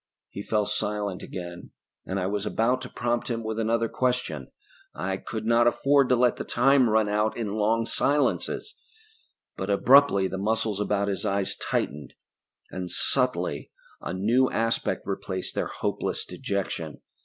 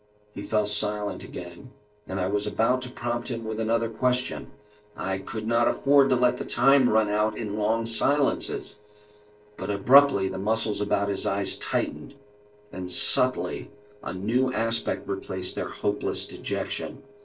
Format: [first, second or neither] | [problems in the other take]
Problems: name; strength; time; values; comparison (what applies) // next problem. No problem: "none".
first | noise reduction (neural separator model SepFormer DNS4)